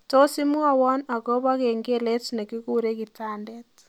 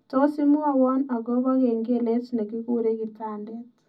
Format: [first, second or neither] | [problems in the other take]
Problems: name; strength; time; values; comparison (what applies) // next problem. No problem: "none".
first | room echo; dies away in 0.4 s